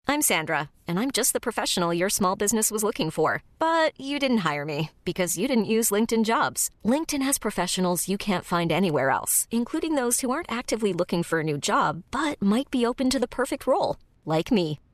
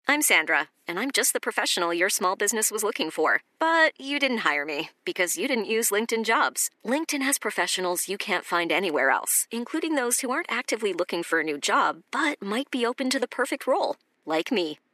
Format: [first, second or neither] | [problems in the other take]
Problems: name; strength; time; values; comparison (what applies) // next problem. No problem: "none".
first | thin; very slightly; fading below 300 Hz